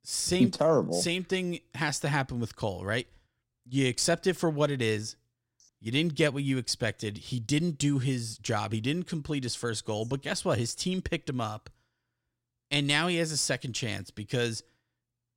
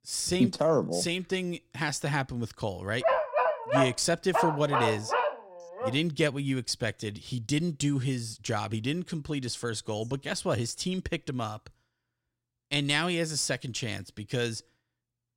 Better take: first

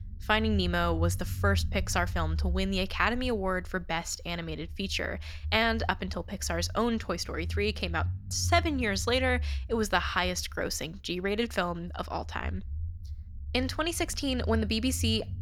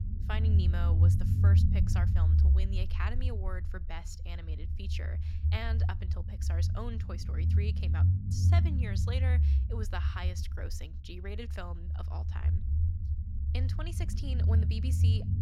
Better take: first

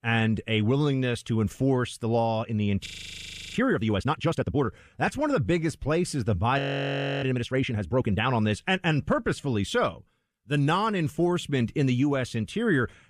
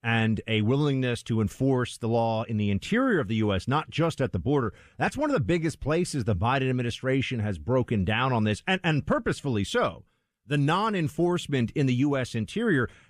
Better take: second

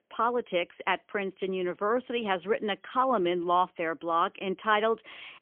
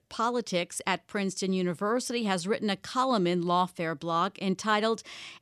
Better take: second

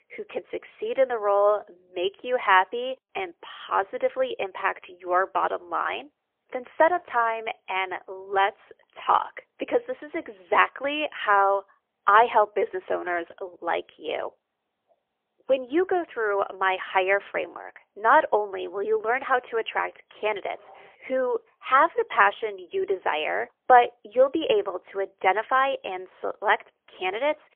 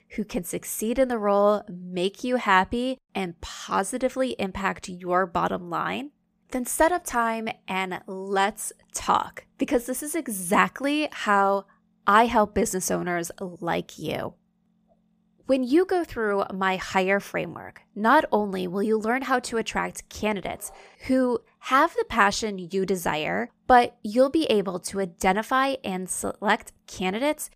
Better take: second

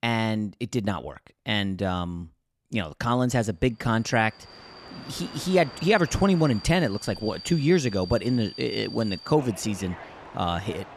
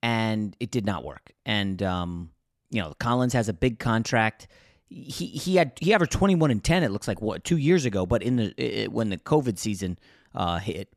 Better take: second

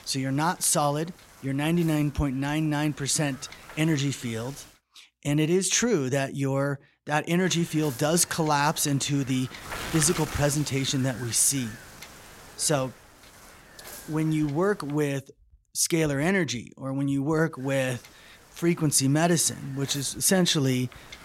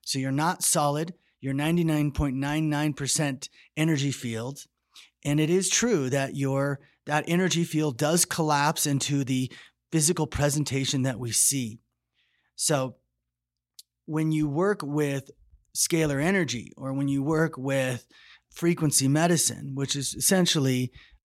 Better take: second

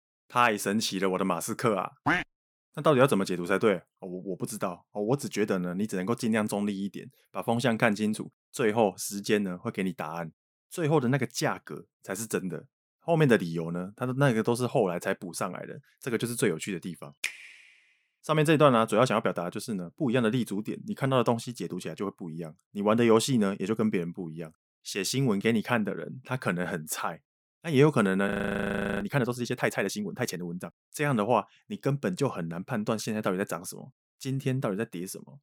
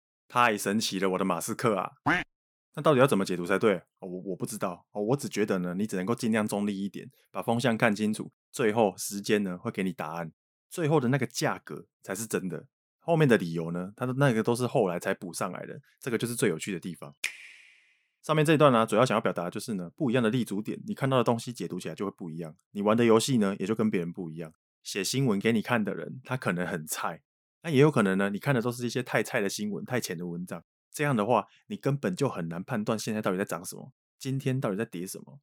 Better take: second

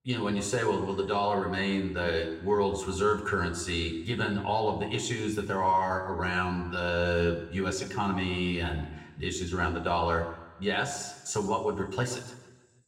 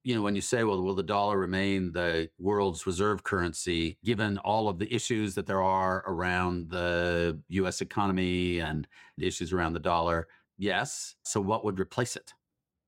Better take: second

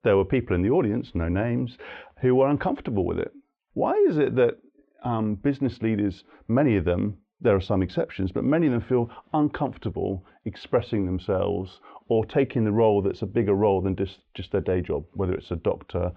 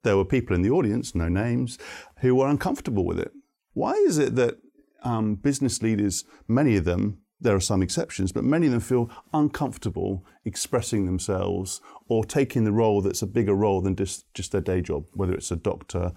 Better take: second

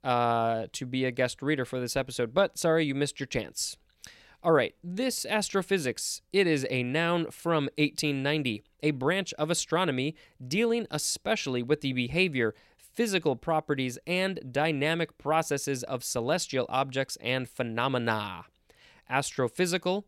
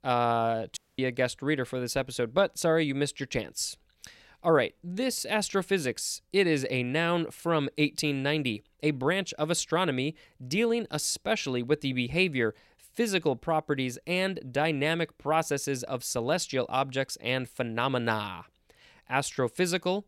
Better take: first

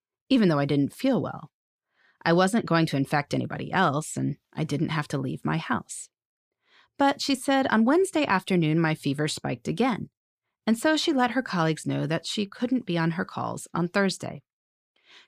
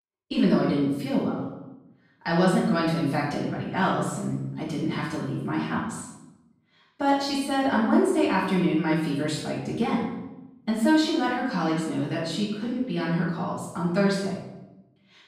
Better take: first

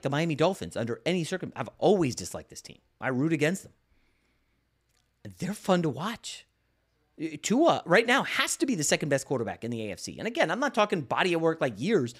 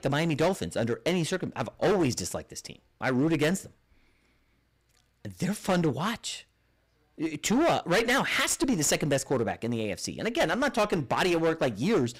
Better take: first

